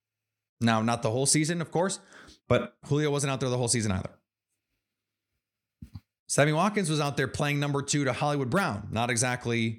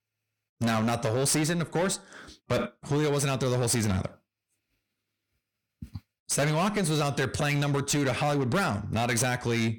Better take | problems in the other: first | distortion; heavy; 19% of the sound clipped

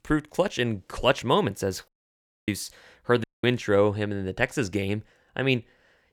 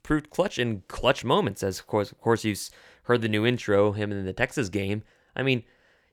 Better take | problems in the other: second | audio cutting out; at 2 s for 0.5 s and at 3 s

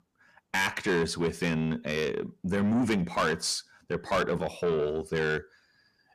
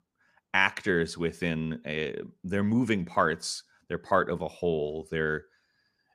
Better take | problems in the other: second | distortion; heavy; 6 dB below the speech

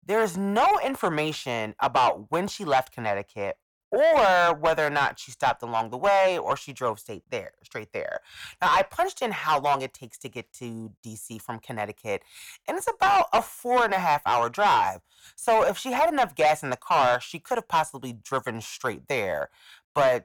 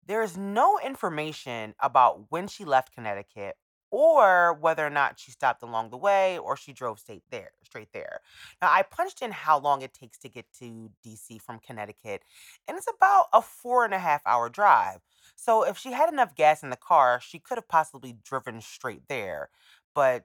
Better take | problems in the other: second | distortion; heavy; 7 dB below the speech

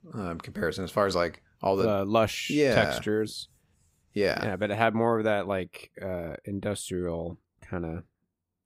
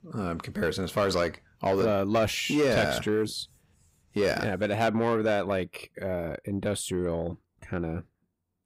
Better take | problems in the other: first | distortion; slight; 10 dB below the speech

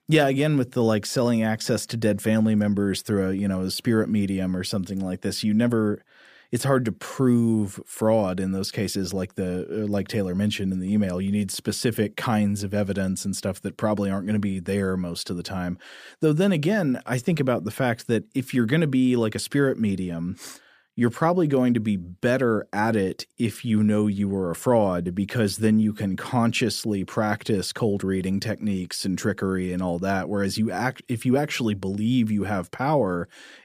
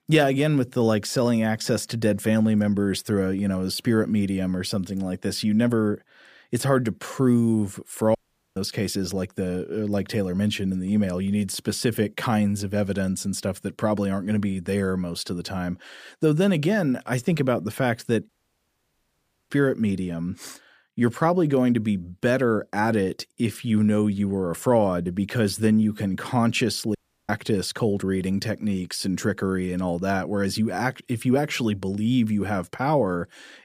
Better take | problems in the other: first | audio cutting out; at 8 s, at 18 s for 1 s and at 27 s

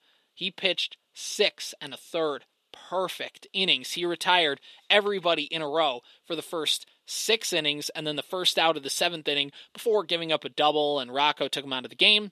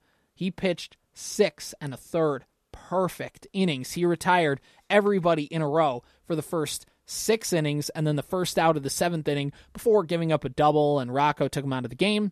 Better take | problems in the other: second | thin; somewhat; fading below 350 Hz

